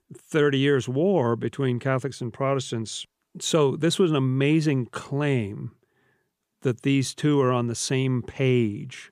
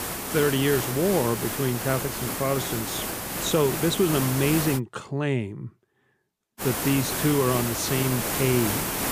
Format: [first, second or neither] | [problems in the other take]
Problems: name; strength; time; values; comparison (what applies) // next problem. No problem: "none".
first | hiss; loud; until 5 s and from 6.5 s on; 2 dB below the speech